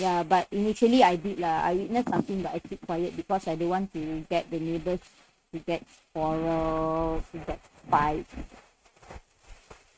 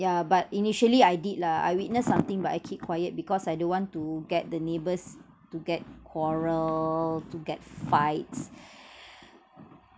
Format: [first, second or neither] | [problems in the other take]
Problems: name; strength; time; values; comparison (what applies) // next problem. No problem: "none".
second | noise reduction (neural mask model RNNoise)